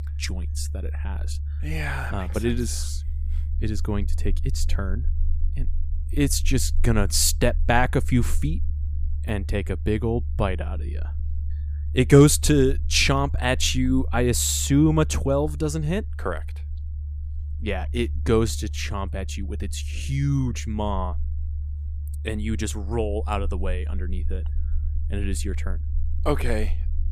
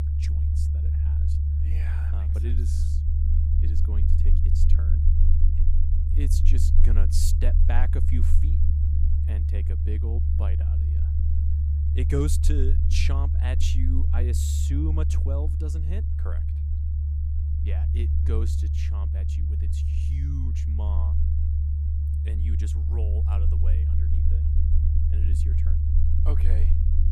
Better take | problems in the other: first | low rumble; loud; throughout; 2 dB below the speech; faint in the first

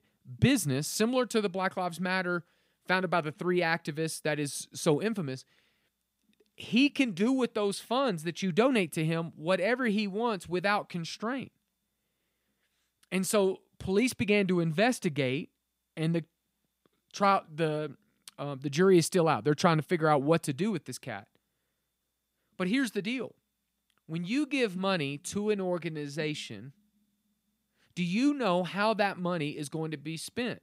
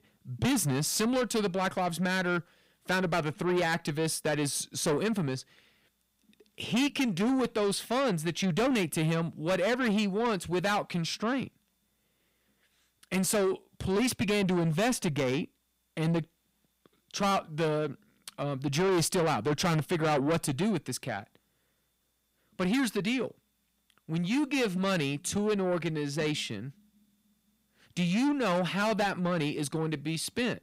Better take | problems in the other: first | distortion; heavy; 6 dB below the speech

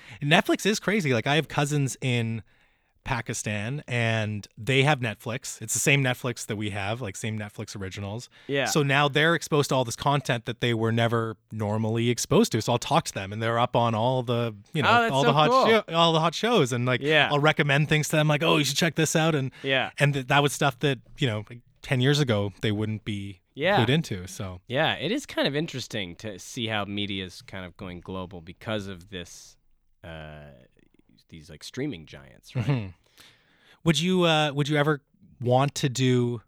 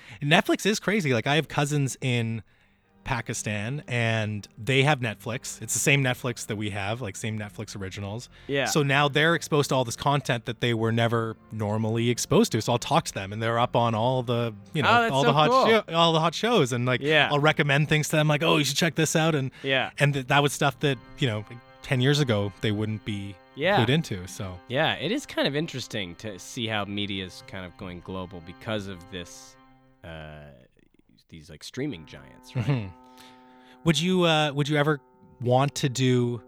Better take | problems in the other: first | background music; faint; throughout; 30 dB below the speech

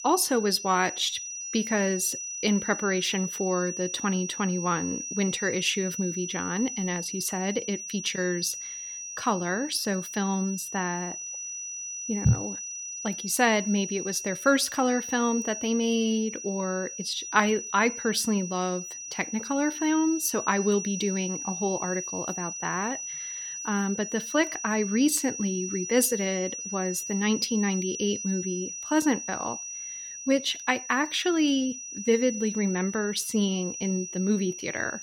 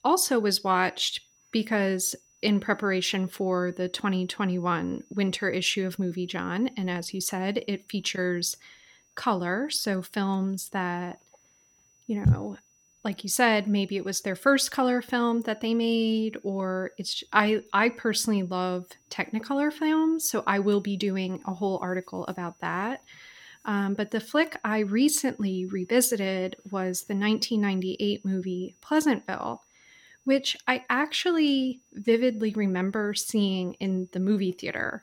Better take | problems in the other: second | high-pitched whine; loud; throughout; 6 kHz, 7 dB below the speech; faint in the second

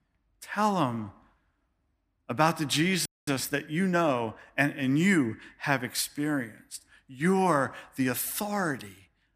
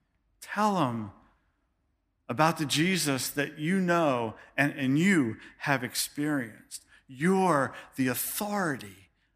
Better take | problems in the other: second | audio freezing; at 3 s

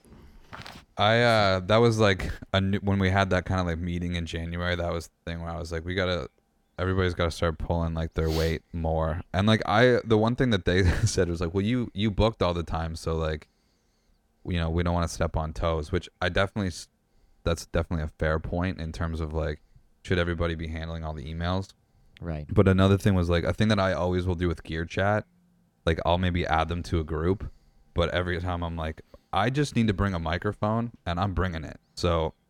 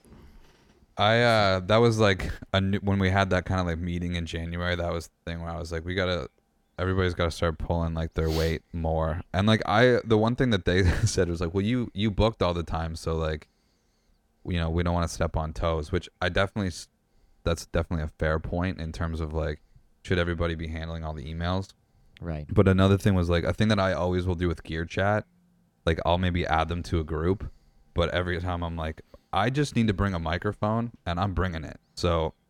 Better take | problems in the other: second | footsteps; faint; at 0.5 s; peak 15 dB below the speech

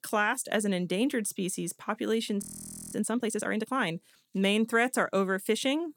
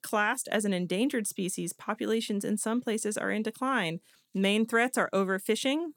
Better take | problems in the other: second | audio freezing; at 2.5 s for 0.5 s

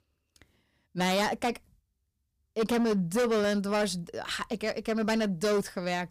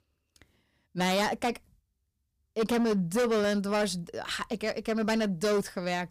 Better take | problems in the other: neither | distortion; heavy; 11% of the sound clipped; the same in both

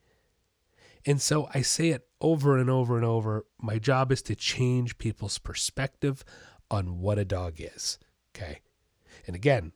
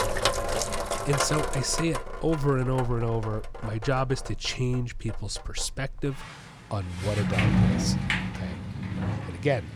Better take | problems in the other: first | household noises; very loud; throughout; as loud as the speech

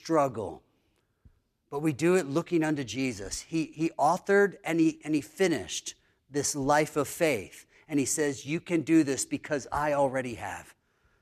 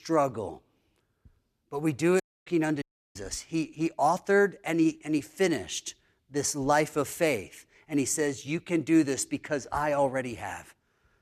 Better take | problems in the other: first | audio cutting out; at 2 s and at 3 s

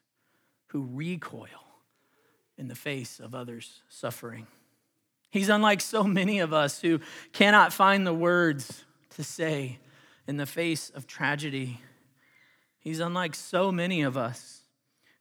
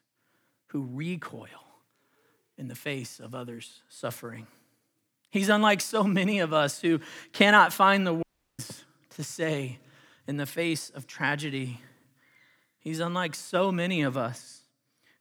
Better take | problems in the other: first | audio cutting out; at 8 s

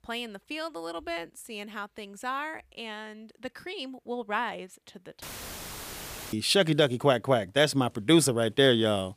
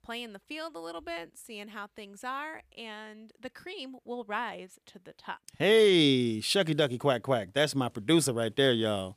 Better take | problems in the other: second | audio cutting out; filled with static; at 5 s for 1 s

